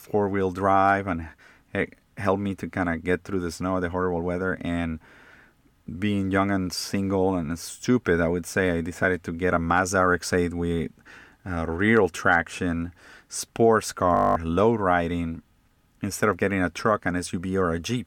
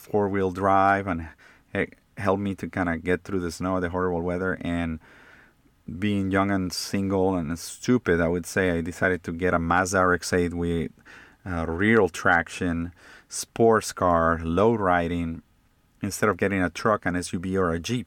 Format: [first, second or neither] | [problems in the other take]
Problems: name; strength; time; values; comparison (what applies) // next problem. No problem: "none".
second | audio freezing; at 14 s